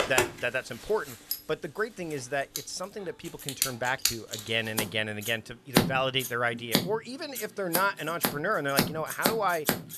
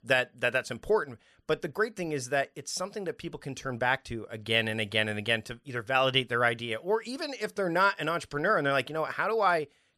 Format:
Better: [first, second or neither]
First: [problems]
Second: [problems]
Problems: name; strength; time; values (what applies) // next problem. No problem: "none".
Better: second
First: household noises; loud; throughout; as loud as the speech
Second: none